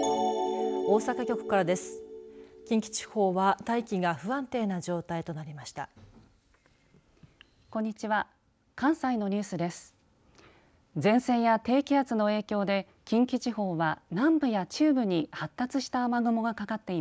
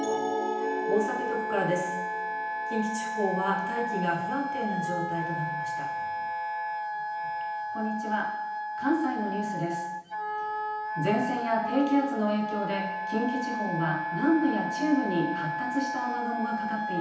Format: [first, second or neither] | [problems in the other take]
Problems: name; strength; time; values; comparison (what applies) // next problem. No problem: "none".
first | background sound (Wind instrument, woodwind instrument); 2 dB below the speech // room echo; dies away in 0.9 s